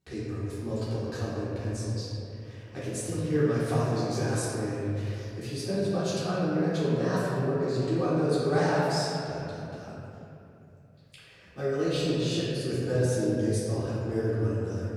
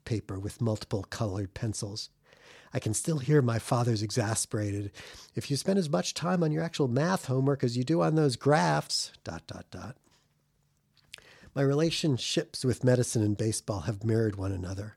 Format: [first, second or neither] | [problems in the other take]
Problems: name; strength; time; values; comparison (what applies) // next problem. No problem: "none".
second | room echo; strong; dies away in 2.8 s // off-mic speech; far